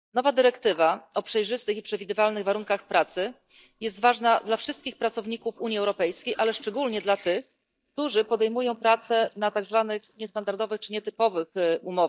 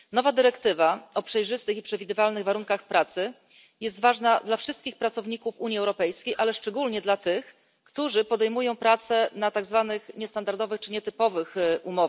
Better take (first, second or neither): second